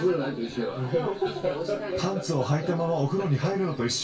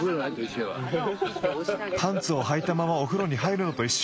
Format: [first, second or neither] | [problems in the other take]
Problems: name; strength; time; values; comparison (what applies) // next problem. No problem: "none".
second | room echo; dies away in 0.2 s